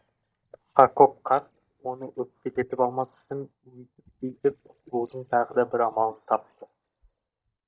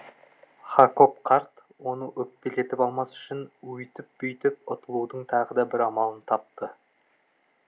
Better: second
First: noise reduction (neural mask model DeepFilterNet 3)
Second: none

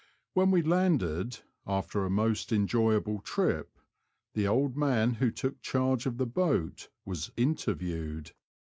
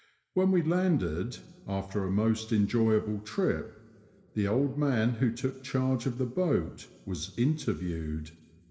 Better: first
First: none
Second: room echo; dies away in 2.8 s

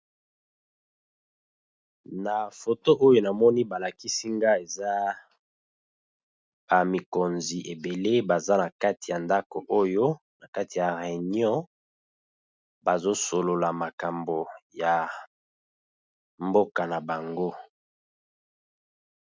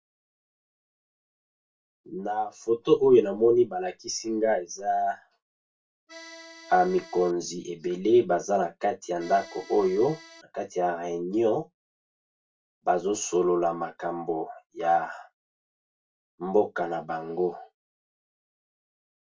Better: first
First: none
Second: background sound (Accordion); 18 dB below the speech // room echo; dies away in 0.2 s

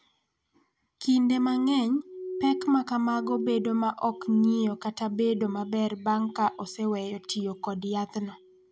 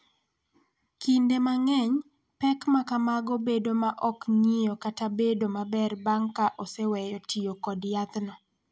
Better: second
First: background sound (Glass); 13 dB below the speech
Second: none

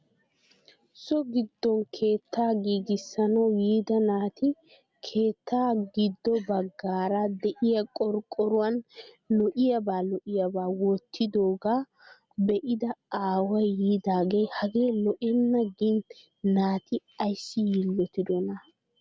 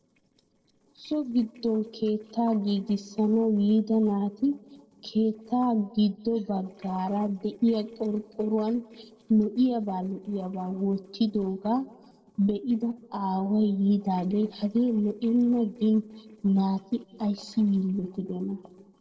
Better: first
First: none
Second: noise reduction (neural separator model SepFormer DNS4)

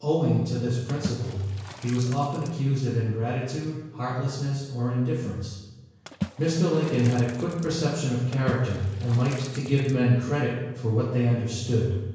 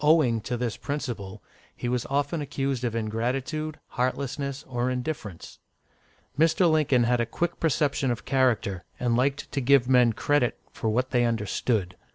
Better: second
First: background sound (Water / Splash, splatter); 13 dB below the speech // room echo; dies away in 1 s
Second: none

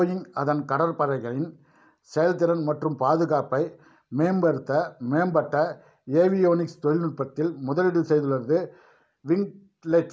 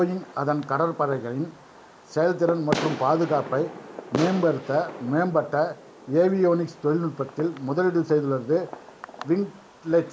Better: first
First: none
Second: background sound (Fireworks); 13 dB below the speech

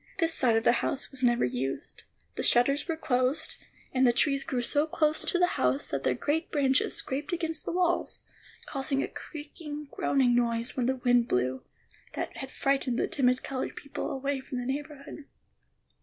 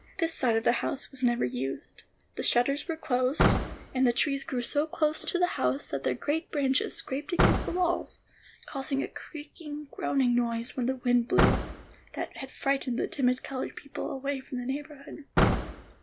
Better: first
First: none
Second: background sound (Slam / Car); 4 dB below the speech

